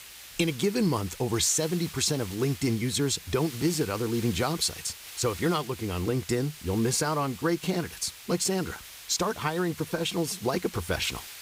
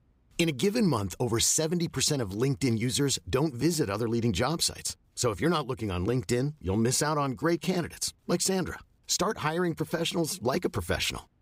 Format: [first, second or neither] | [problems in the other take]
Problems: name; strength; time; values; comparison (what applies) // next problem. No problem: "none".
second | hiss; noticeable; throughout; 15 dB below the speech